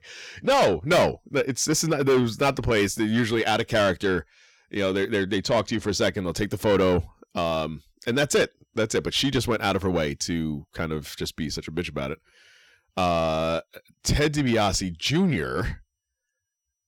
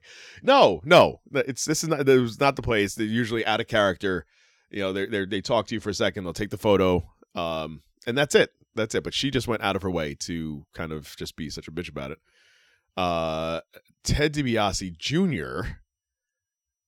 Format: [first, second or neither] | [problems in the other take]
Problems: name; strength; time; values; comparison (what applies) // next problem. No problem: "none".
second | distortion; heavy; 7 dB below the speech